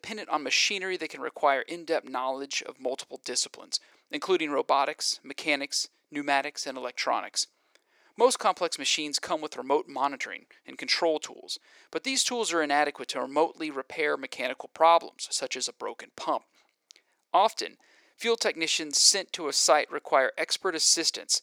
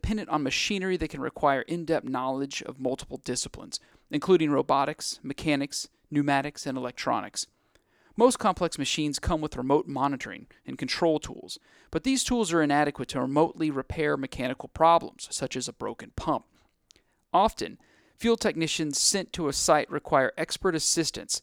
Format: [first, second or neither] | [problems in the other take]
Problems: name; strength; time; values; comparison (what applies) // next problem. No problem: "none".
second | thin; somewhat; fading below 500 Hz